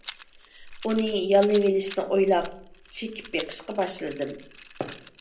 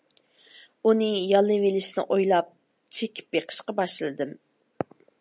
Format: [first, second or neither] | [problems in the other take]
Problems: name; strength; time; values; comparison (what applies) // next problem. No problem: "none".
second | background sound (Rattle); 17 dB below the speech // room echo; dies away in 0.5 s